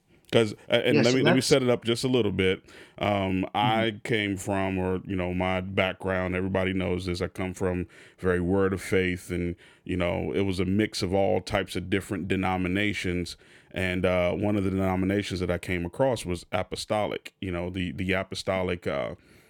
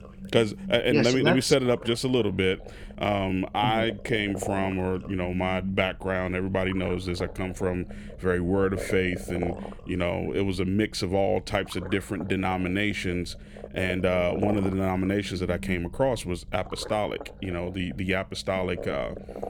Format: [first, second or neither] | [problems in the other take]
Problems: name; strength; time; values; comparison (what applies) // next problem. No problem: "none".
first | low rumble; noticeable; throughout; 15 dB below the speech